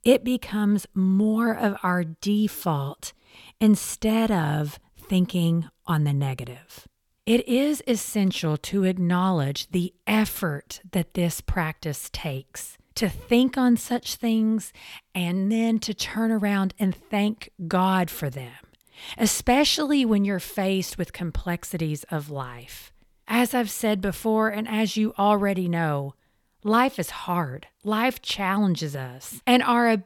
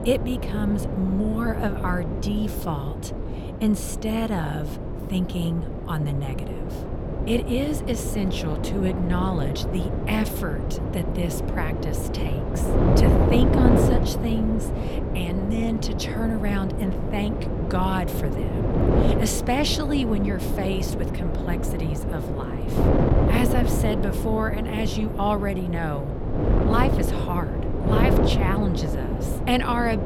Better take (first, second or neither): first